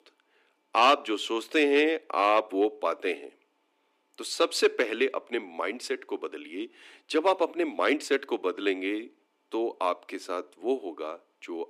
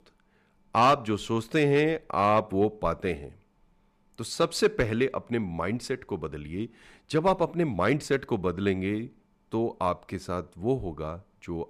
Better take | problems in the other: second | thin; very slightly; fading below 300 Hz

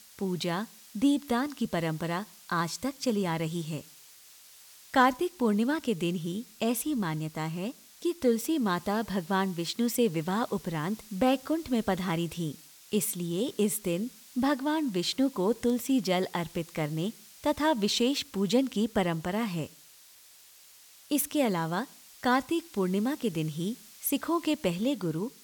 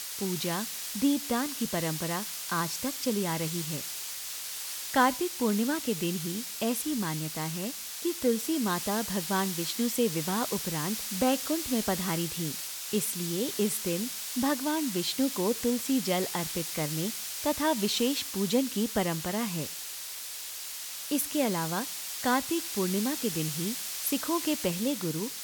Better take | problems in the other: first | hiss; loud; throughout; 3 dB below the speech; faint in the first

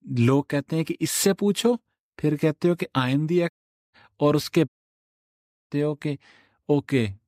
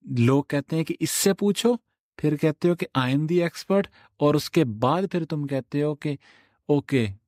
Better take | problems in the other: second | audio cutting out; at 3.5 s and at 4.5 s for 1 s

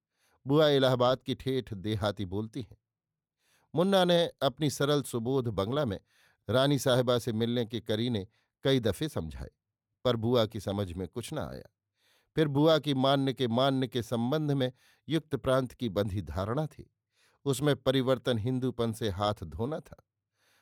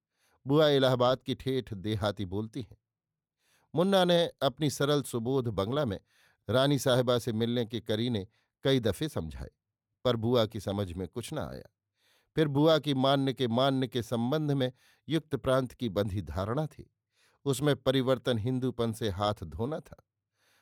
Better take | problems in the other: neither | none

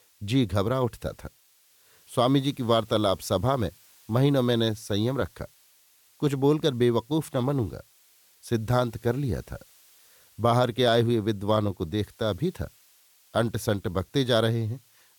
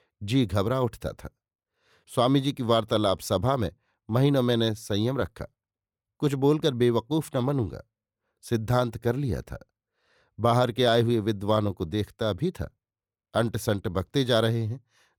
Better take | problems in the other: second | hiss; faint; throughout; 30 dB below the speech

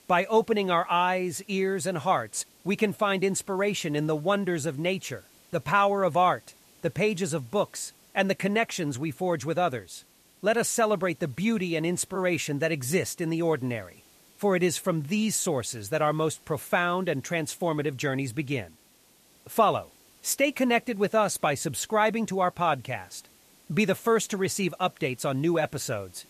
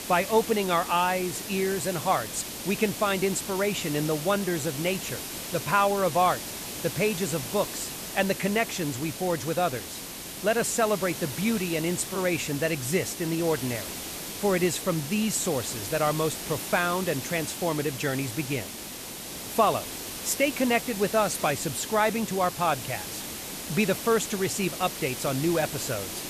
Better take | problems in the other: first | hiss; loud; throughout; 7 dB below the speech; faint in the first

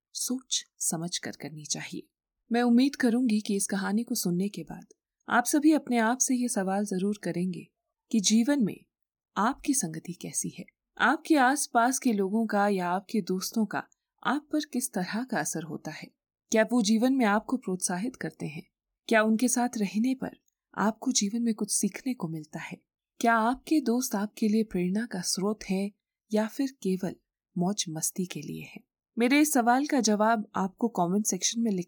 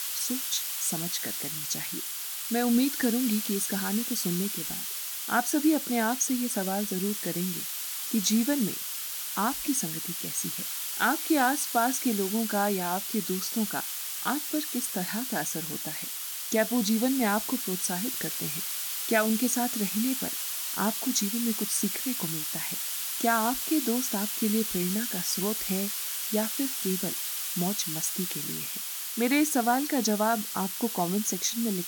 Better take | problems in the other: first | hiss; loud; throughout; 2 dB below the speech

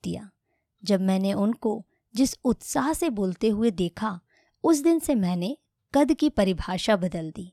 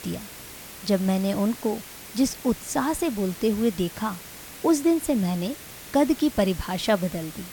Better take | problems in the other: first | hiss; noticeable; throughout; 15 dB below the speech

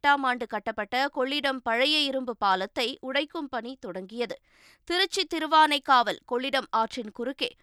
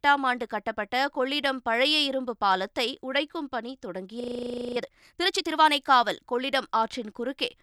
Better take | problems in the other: first | audio freezing; at 4 s for 0.5 s

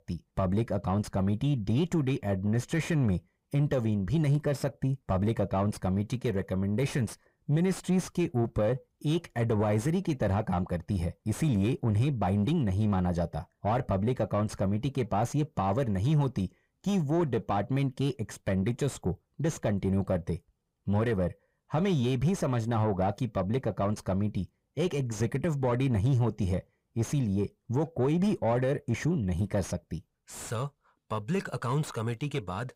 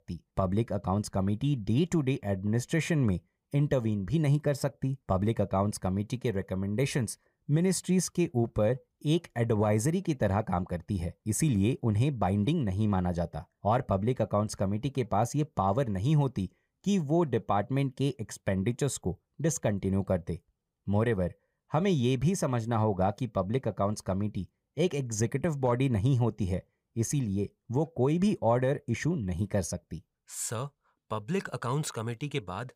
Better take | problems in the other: second | distortion; slight; 10 dB below the speech

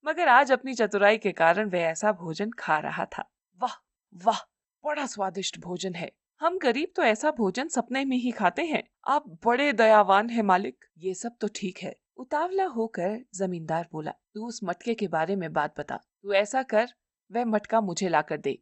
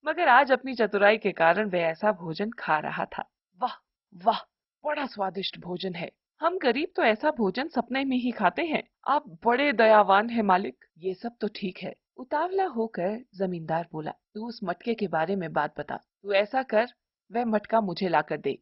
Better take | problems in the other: first | garbled, watery; badly; nothing above 5.5 kHz; slightly in the first

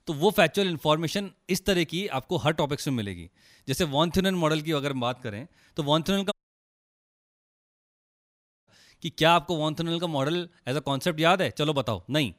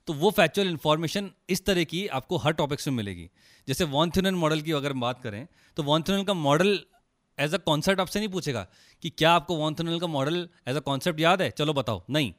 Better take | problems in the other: second | audio cutting out; at 6.5 s for 2.5 s

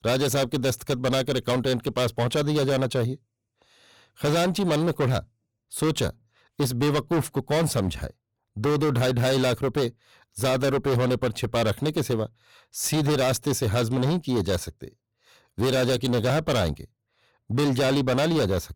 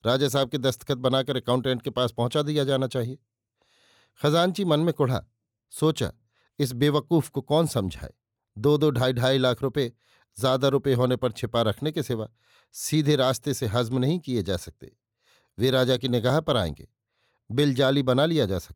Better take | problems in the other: second | distortion; heavy; 22% of the sound clipped

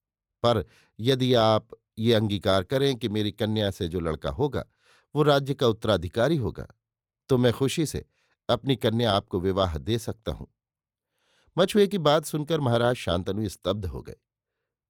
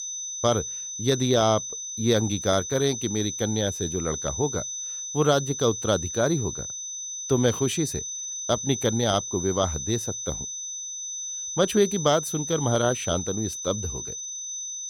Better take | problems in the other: first | high-pitched whine; loud; throughout; 6 kHz, 5 dB below the speech

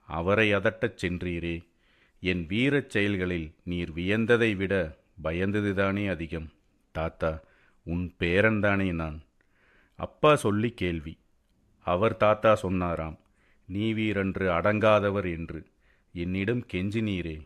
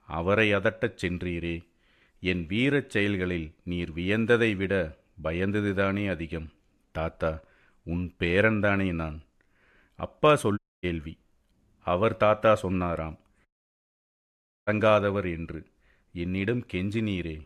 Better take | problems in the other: first | audio cutting out; at 11 s and at 13 s for 1 s

